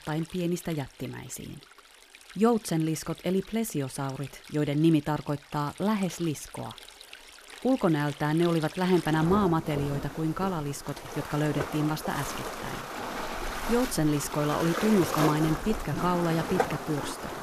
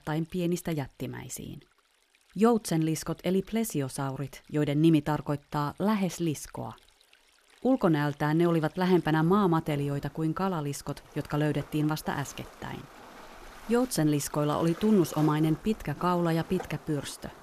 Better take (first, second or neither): second